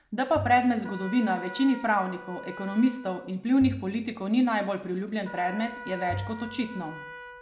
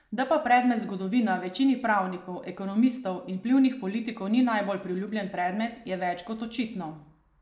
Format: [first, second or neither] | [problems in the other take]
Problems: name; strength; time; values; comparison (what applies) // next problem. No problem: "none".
second | background sound (Bowed string instrument + Trumpet); 13 dB below the speech